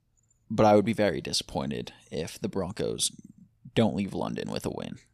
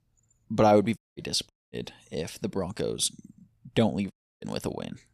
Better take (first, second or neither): first